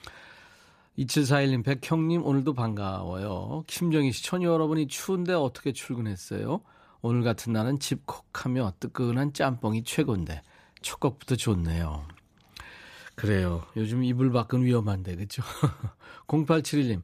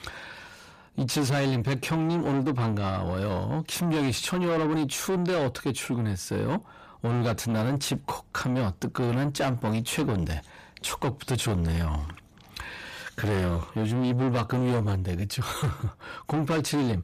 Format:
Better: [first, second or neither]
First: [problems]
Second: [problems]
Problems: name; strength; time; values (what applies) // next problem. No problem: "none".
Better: first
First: none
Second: distortion; heavy; 6 dB below the speech